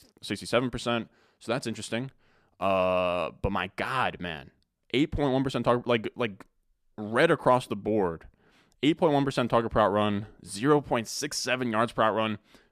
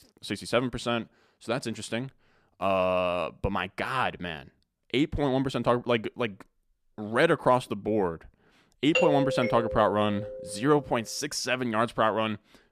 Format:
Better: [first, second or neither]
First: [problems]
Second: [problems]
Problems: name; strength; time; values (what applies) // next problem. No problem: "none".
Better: first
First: none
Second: doorbell; loud; from 9 to 10 s; peak 2 dB above the speech